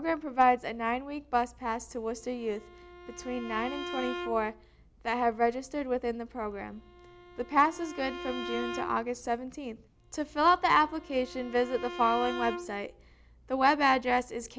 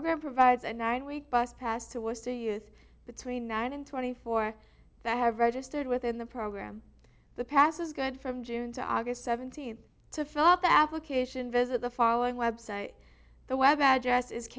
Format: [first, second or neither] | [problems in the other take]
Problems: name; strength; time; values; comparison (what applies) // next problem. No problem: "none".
second | background sound (Bowed string instrument); 12 dB below the speech